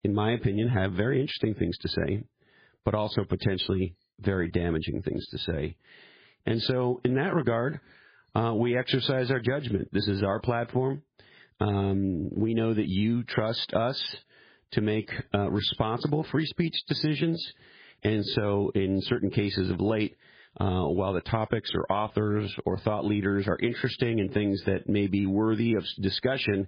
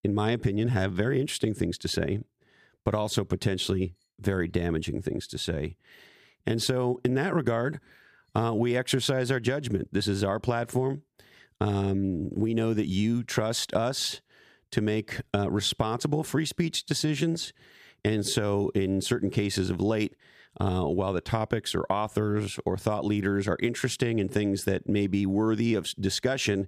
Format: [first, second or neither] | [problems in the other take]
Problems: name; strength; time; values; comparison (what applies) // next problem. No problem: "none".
second | garbled, watery; badly; nothing above 4 kHz